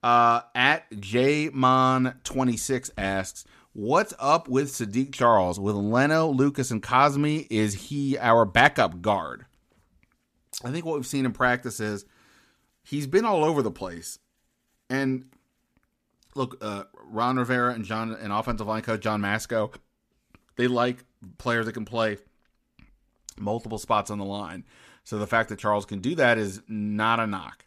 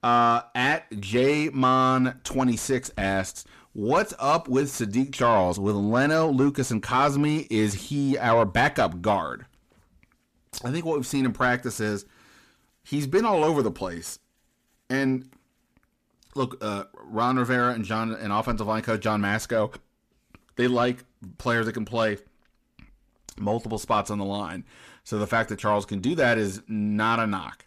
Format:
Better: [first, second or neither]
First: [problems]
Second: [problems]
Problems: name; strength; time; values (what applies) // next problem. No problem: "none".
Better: first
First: none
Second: distortion; slight; 10 dB below the speech